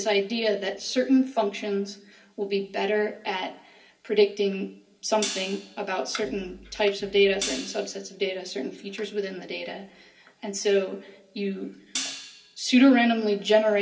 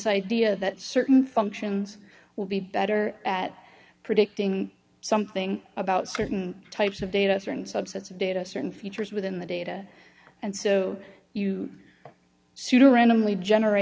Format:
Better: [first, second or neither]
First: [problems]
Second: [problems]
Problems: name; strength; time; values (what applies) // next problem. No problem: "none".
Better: second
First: background sound (Hi-hat); 12 dB below the speech // room echo; dies away in 0.3 s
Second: none